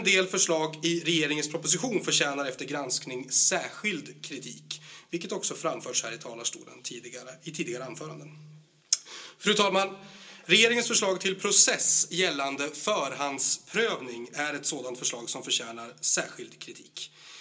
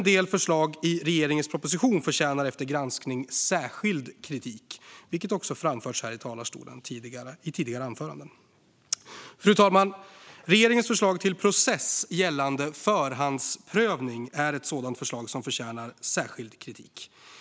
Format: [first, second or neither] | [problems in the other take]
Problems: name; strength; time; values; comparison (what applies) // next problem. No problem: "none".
second | room echo; dies away in 0.2 s